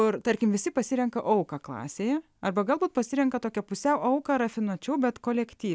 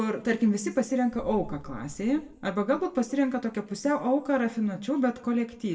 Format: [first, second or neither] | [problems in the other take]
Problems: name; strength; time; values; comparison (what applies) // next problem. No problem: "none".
first | background sound (Boom); 19 dB below the speech // room echo; dies away in 0.5 s